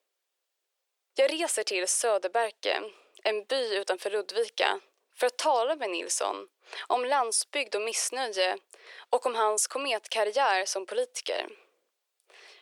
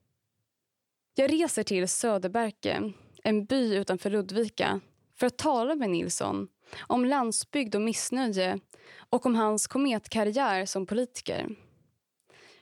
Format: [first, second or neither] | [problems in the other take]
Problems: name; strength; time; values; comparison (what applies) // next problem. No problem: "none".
second | thin; very; fading below 450 Hz